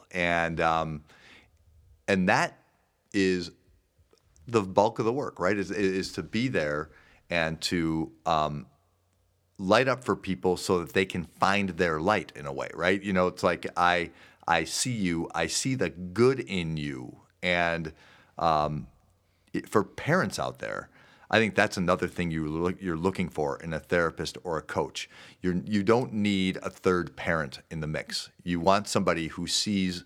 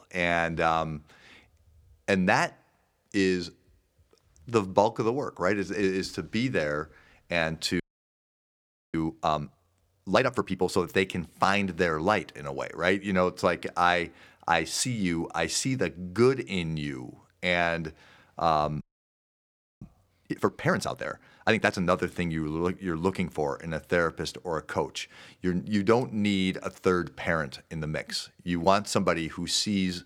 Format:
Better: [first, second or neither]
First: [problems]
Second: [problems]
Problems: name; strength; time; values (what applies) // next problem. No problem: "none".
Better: first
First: none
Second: audio freezing; at 8 s for 1 s and at 19 s for 1 s